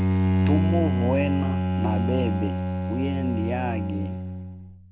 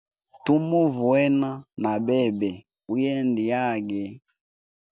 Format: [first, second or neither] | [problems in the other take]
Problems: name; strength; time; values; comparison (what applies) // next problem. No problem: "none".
second | background sound (Bowed string instrument); 5 dB above the speech